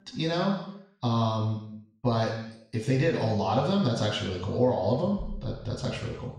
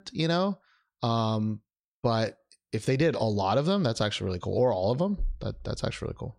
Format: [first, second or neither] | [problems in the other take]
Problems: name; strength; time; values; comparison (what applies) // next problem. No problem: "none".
second | room echo; noticeable; dies away in 0.8 s // off-mic speech; far